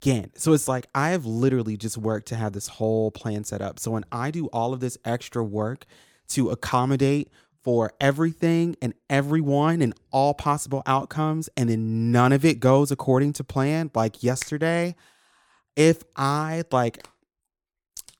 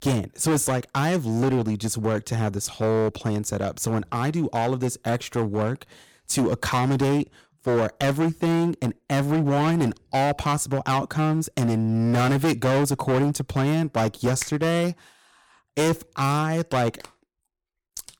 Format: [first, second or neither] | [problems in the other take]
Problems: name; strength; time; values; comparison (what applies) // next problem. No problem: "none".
first | distortion; heavy; 15% of the sound clipped